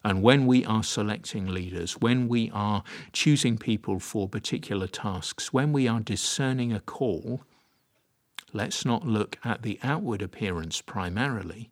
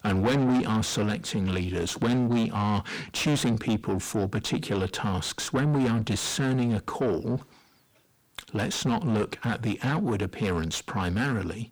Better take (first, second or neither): first